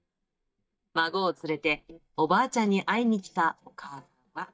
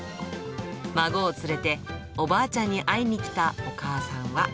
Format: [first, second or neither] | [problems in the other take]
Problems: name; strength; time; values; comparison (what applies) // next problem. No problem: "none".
second | noise reduction (neural mask model DeepFilterNet 3)